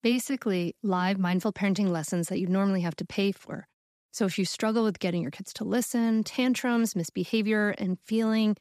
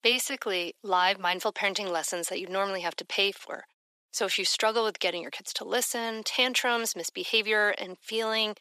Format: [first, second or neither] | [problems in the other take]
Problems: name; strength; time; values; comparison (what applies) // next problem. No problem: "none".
first | thin; very; fading below 500 Hz